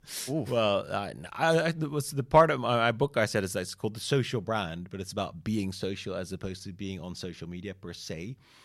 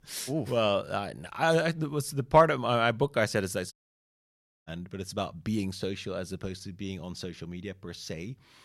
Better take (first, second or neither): first